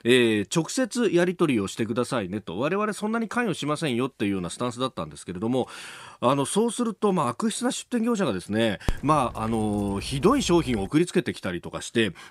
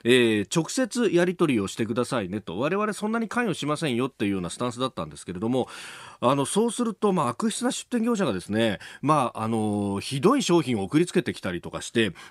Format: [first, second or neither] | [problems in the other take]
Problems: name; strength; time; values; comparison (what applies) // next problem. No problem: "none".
second | dog barking; noticeable; from 9 to 11 s; peak 8 dB below the speech